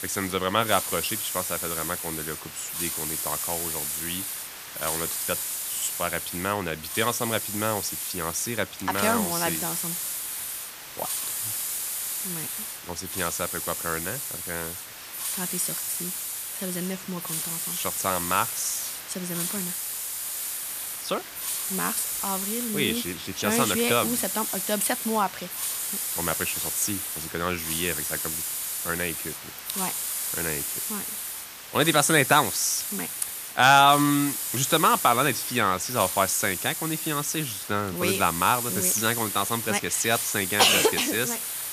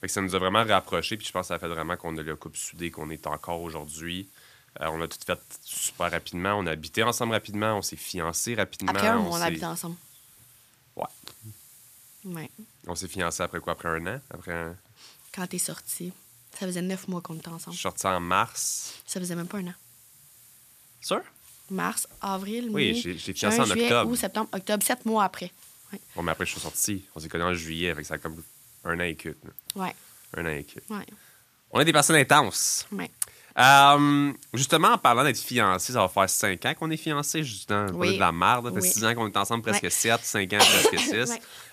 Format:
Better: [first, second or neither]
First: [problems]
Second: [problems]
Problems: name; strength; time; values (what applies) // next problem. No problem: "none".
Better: second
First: hiss; loud; throughout; 3 dB below the speech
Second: hiss; faint; throughout; 25 dB below the speech